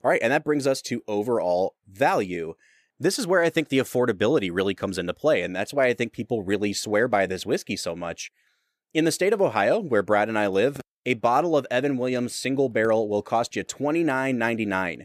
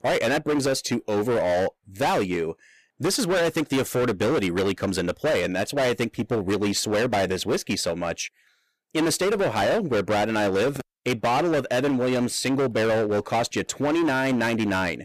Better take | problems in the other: first | distortion; heavy; 23% of the sound clipped

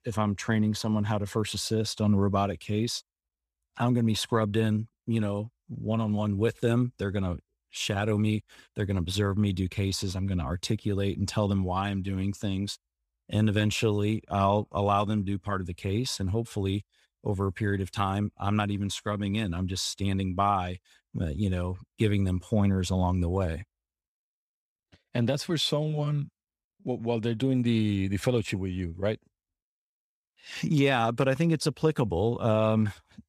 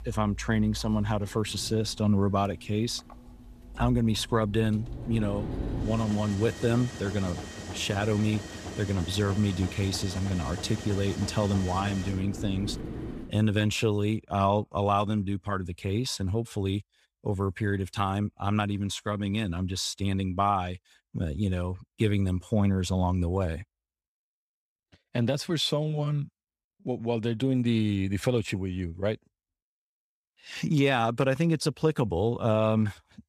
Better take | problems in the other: first | machinery noise; noticeable; until 13 s; 10 dB below the speech

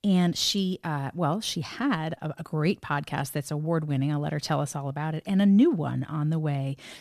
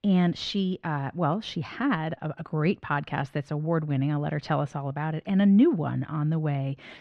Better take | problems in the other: first | muffled; slightly; fading above 2.5 kHz

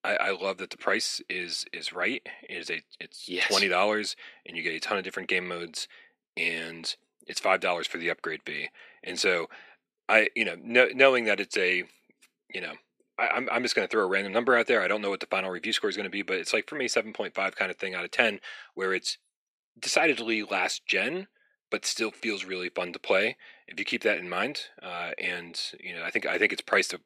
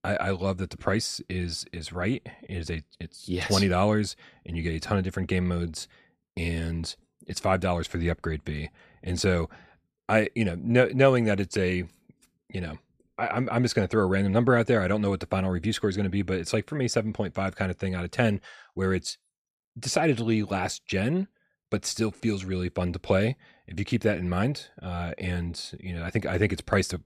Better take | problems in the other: second | thin; somewhat; fading below 300 Hz

